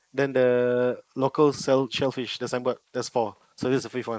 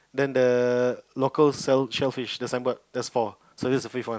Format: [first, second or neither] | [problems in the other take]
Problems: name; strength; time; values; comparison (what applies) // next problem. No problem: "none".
second | noise reduction (neural mask model Resemble Enhance denoiser)